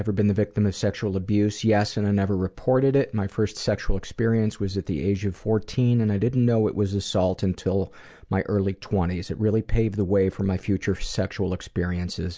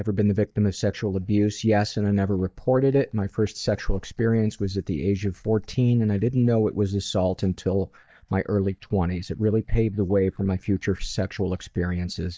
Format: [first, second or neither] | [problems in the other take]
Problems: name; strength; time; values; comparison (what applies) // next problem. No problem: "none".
first | noise reduction (neural mask model DeepFilterNet 3)